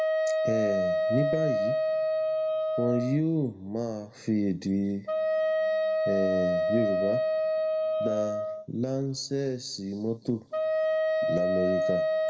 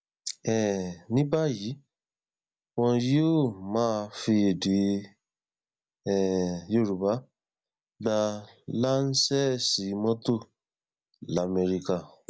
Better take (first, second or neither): second